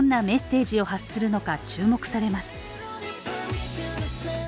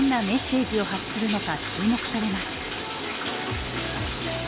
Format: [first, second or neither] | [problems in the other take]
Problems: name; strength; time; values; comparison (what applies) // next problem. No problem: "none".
first | background sound (Bathtub (filling or washing)); 5 dB below the speech